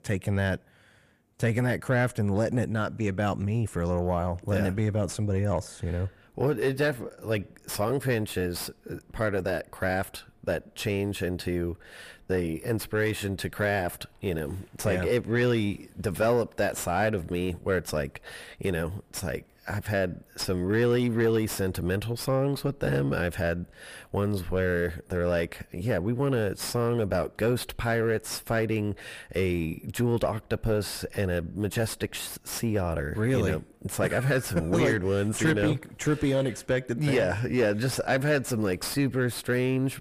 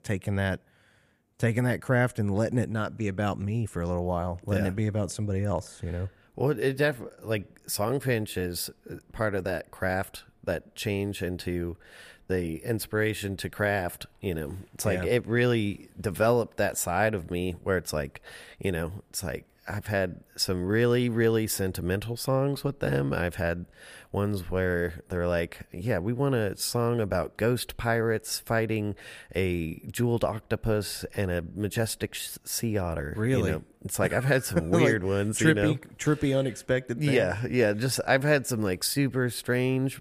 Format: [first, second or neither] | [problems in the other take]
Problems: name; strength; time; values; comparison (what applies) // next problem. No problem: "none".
second | distortion; slight; 10 dB below the speech